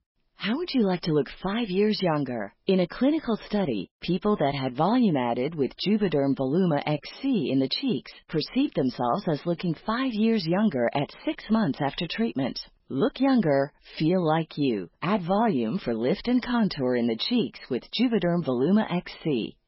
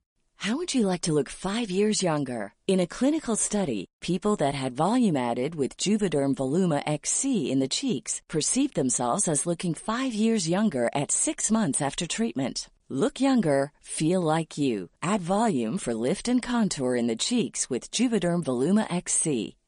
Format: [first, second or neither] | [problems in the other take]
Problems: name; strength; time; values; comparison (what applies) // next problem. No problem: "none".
second | garbled, watery; badly; nothing above 5.5 kHz; slightly in the second